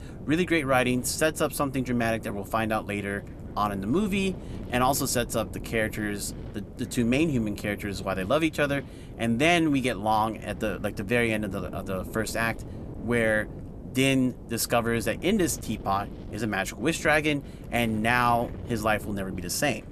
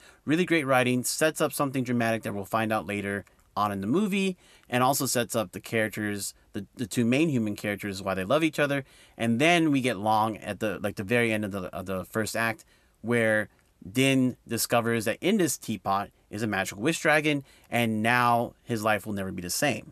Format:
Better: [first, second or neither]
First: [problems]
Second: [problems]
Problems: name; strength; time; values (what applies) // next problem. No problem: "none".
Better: second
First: wind noise on the microphone; occasional gusts; 20 dB below the speech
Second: none